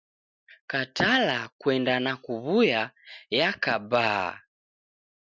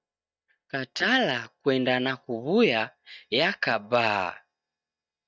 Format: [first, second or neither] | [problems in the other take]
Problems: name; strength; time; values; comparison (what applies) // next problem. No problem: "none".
first | noise reduction (neural mask model DeepFilterNet 3)